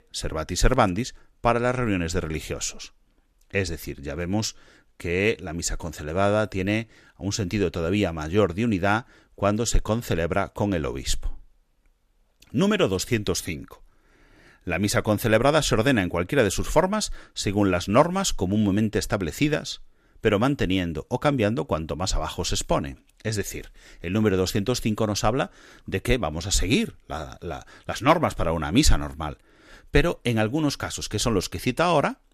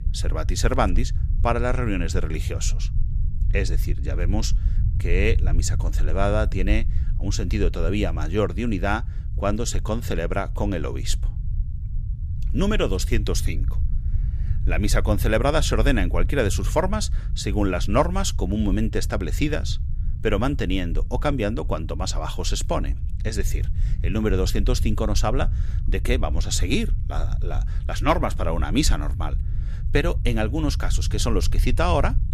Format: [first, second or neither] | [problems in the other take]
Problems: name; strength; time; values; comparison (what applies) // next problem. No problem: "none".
first | low rumble; noticeable; throughout; 20 dB below the speech